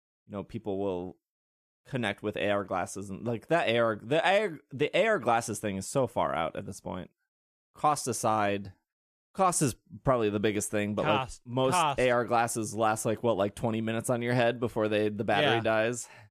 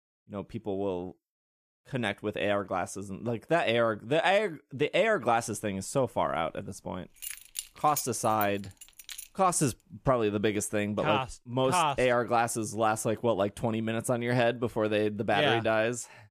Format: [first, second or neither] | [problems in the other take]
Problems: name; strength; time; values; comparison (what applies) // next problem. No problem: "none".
first | jangling keys; noticeable; from 7 to 9 s; peak 8 dB below the speech